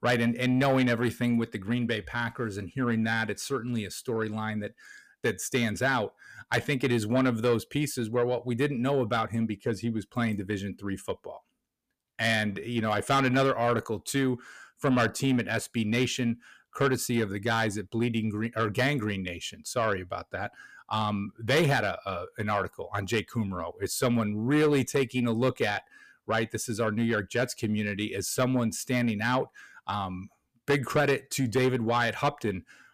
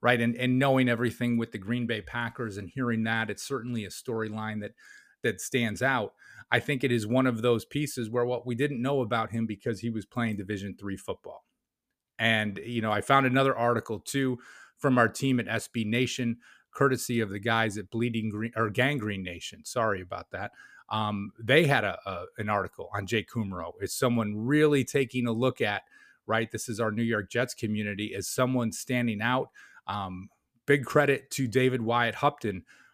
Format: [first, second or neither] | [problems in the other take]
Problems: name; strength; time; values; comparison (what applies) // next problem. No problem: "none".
second | distortion; slight; 10 dB below the speech